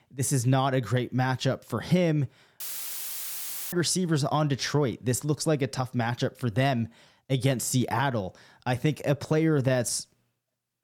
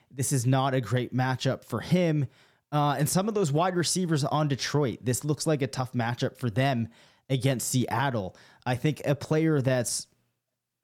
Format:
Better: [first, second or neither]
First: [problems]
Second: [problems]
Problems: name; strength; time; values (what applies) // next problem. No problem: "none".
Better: second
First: audio cutting out; filled with static; at 2.5 s for 1 s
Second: none